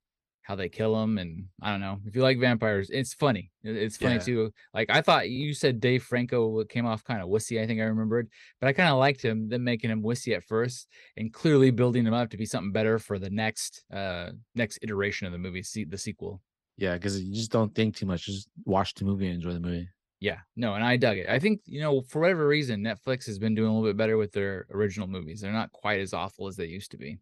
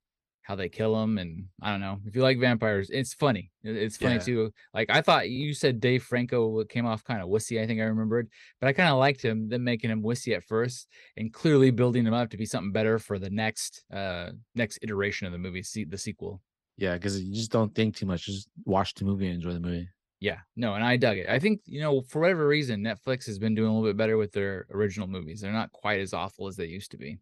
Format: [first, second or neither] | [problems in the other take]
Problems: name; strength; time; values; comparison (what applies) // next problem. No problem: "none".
neither | none